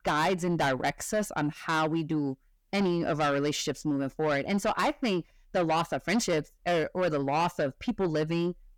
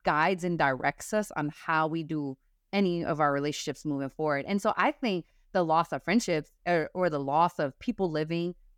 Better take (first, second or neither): second